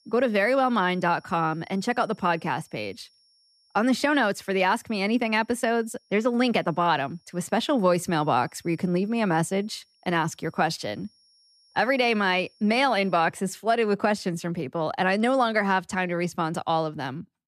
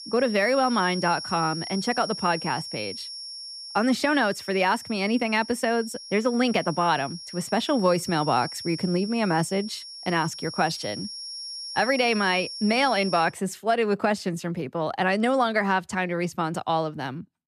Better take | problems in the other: first | high-pitched whine; loud; until 13 s; 5.5 kHz, 10 dB below the speech; faint in the first

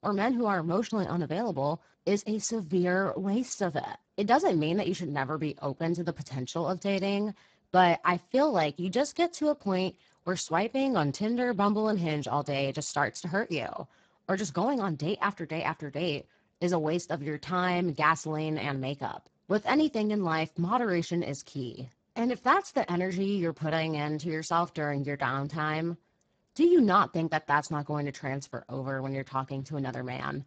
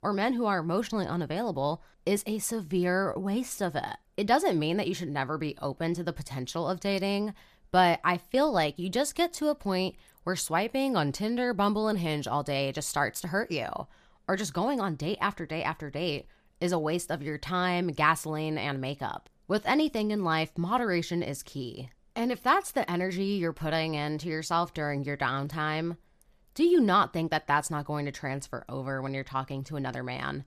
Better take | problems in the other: second | garbled, watery; badly; nothing above 7.5 kHz

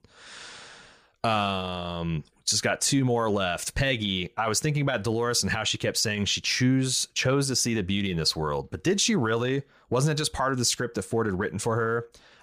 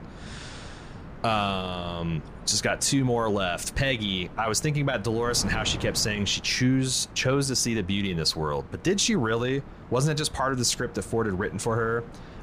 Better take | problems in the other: first | wind noise on the microphone; occasional gusts; 20 dB below the speech

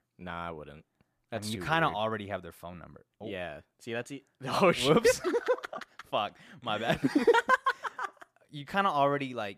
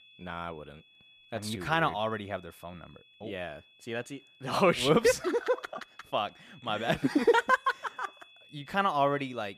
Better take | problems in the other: first | high-pitched whine; faint; throughout; 3.5 kHz, 25 dB below the speech

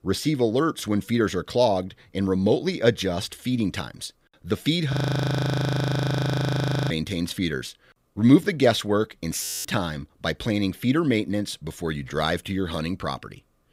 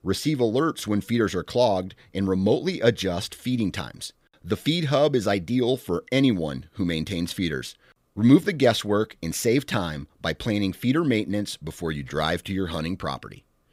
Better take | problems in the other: second | audio freezing; at 5 s for 2 s and at 9.5 s

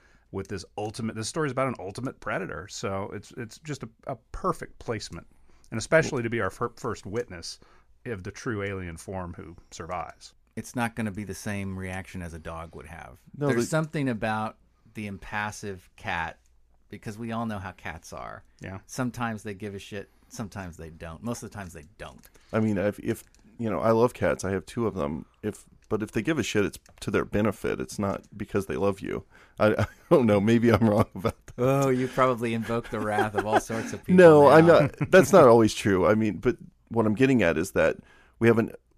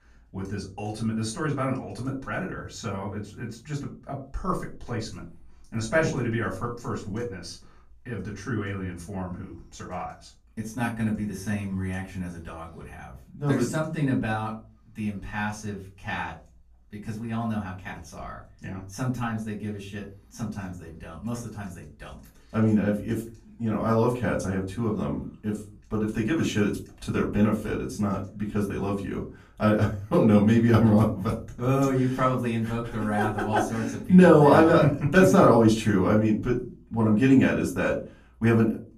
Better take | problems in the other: first | off-mic speech; far // room echo; slight; dies away in 0.3 s

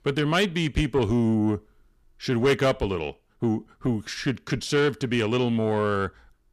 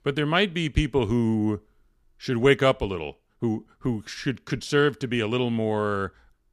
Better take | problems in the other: second | distortion; slight; 10 dB below the speech

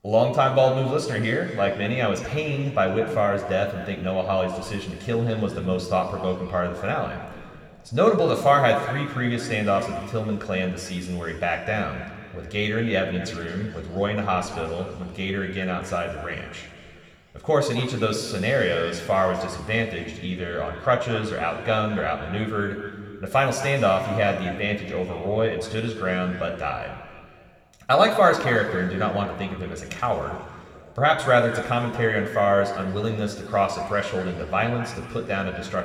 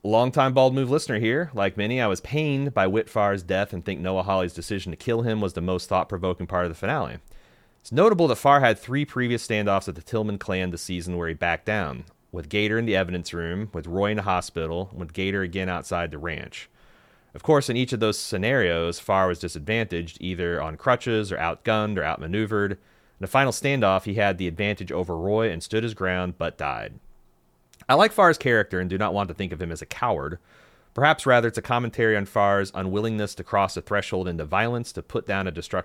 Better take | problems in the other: second | room echo; noticeable; dies away in 2.2 s

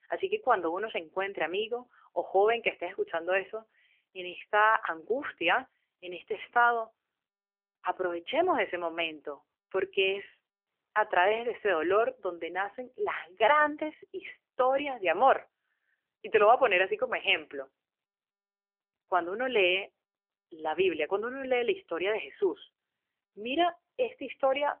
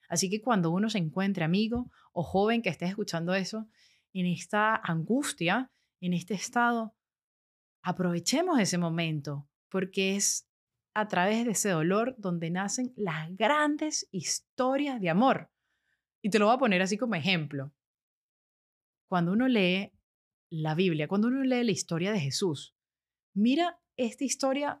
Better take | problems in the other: second | phone-call audio; nothing above 3 kHz

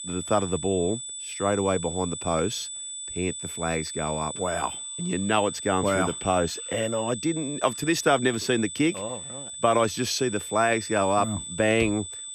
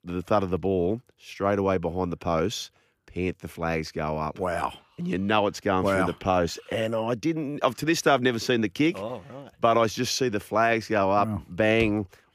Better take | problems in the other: second | high-pitched whine; loud; throughout; 8 kHz, 7 dB below the speech

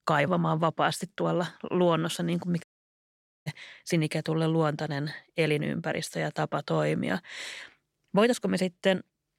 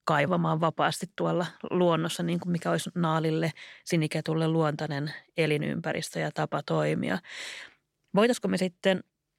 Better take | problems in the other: second | audio cutting out; at 2.5 s for 1 s

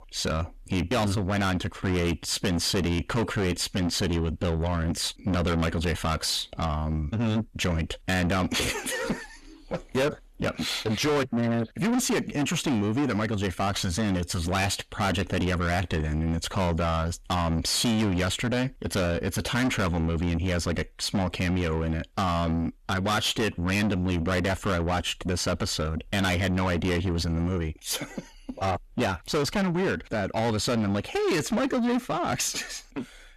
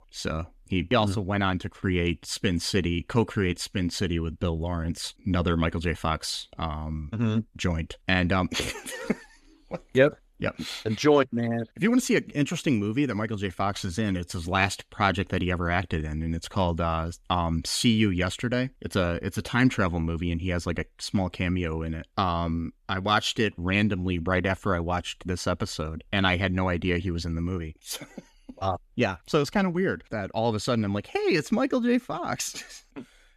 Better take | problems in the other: second | distortion; heavy; 6 dB below the speech

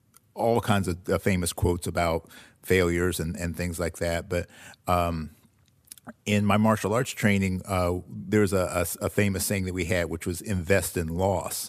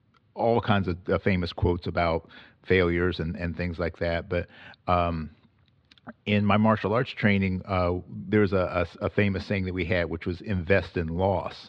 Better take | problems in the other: first | muffled; slightly; fading above 4 kHz

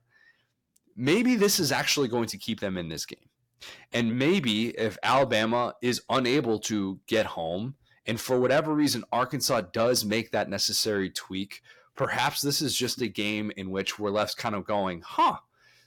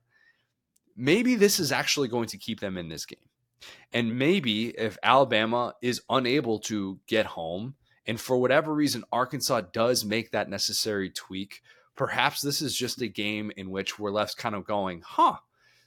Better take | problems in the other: second | distortion; slight; 10 dB below the speech

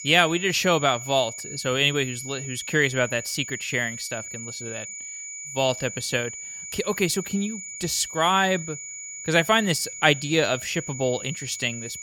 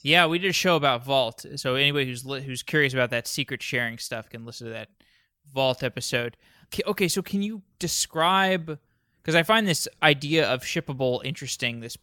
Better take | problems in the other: second | high-pitched whine; loud; throughout; 7 kHz, 10 dB below the speech

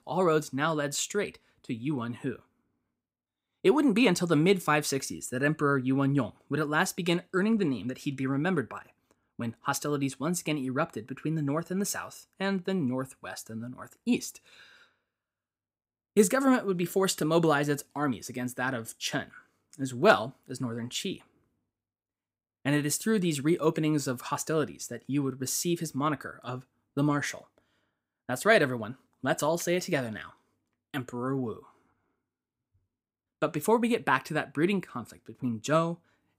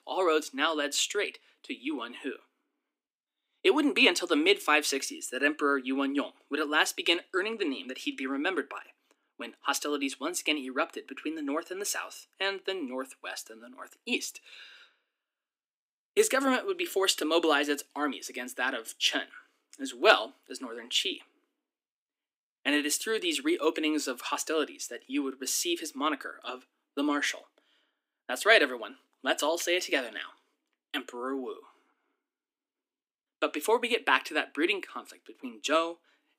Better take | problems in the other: first | thin; very slightly; fading below 300 Hz

